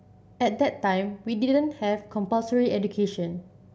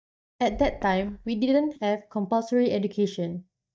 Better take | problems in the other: first | noise reduction (neural mask model DeepFilterNet 3)

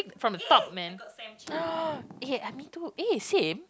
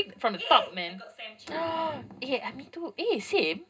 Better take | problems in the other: first | room echo; dies away in 0.2 s

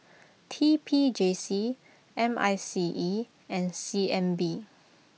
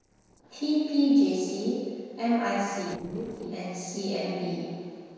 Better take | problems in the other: first | noise reduction (neural separator model SepFormer DNS4)

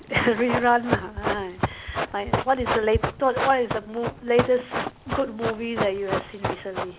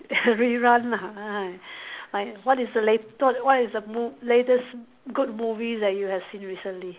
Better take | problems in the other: second | background sound (Run); 4 dB below the speech

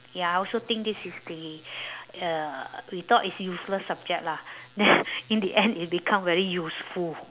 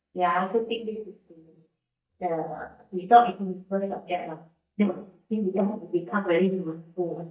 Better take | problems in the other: first | noise reduction (neural mask model DeepFilterNet 3)

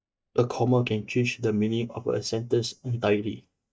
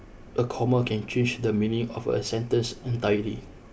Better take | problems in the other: second | noise reduction (neural mask model DeepFilterNet 3)

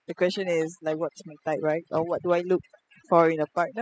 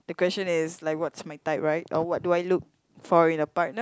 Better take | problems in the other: second | noise reduction (classical method spectral subtraction)

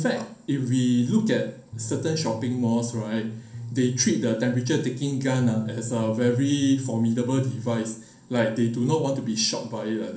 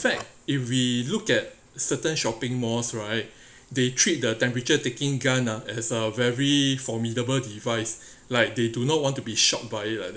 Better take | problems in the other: second | background sound (Bass guitar); 12 dB below the speech // room echo; dies away in 0.6 s

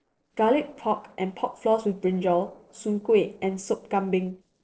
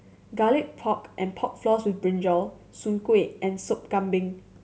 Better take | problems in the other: second | noise reduction (neural separator model SepFormer DNS4)

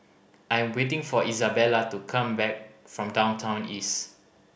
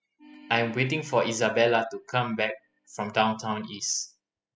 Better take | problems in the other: first | noise reduction (classical method spectral subtraction)

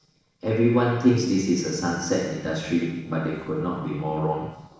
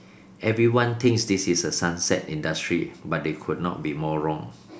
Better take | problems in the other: second | noise reduction (neural separator model SepFormer DNS4)

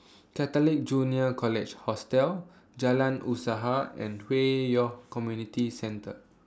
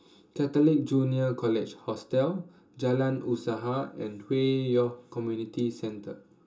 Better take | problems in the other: first | room echo; dies away in 0.2 s

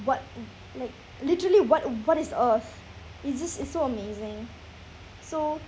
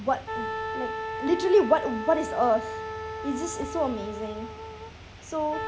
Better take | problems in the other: first | background sound (Wind instrument, woodwind instrument); 7 dB below the speech

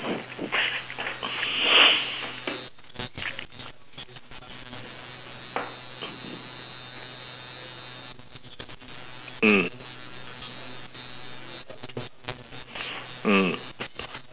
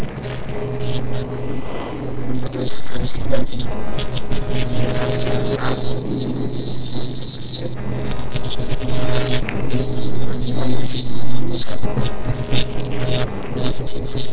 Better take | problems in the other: first | noise reduction (neural separator model SepFormer DNS4)

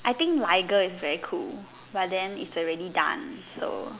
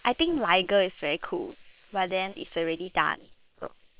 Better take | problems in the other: first | noise reduction (neural separator model SepFormer WHAM!)

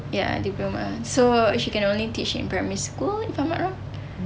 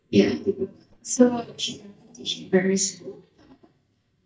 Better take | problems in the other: first | noise reduction (neural mask model DeepFilterNet 3)

